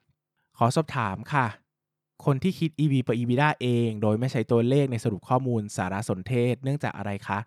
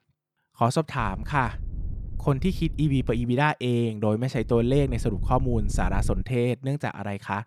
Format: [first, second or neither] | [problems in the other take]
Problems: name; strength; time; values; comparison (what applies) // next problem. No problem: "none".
first | wind noise on the microphone; occasional gusts; from 1 to 3 s and from 4.5 to 6 s; 20 dB below the speech